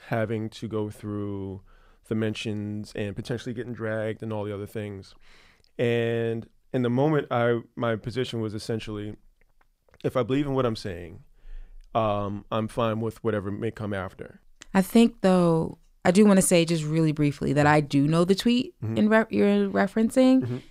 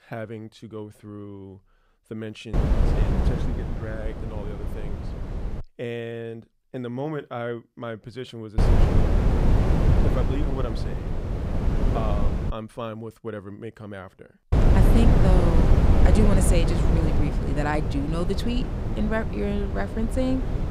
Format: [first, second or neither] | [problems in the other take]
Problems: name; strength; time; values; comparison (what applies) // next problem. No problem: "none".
first | wind noise on the microphone; heavy; from 2.5 to 5.5 s, from 8.5 to 13 s and from 15 s on; as loud as the speech